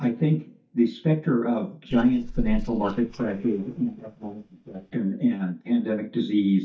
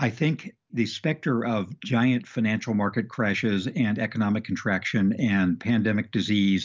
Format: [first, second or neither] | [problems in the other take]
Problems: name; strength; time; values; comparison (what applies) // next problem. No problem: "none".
second | noise reduction (neural mask model DeepFilterNet 3)